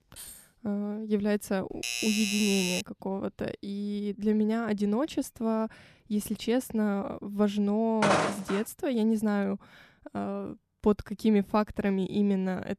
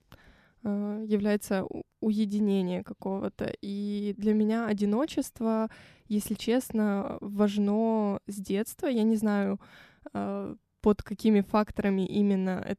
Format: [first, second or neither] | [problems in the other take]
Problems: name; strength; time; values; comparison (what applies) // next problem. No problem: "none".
second | jangling keys; faint; at the start; peak 15 dB below the speech // doorbell; loud; from 1.5 to 3 s; peak level with the speech // footsteps; loud; at 8 s; peak 4 dB above the speech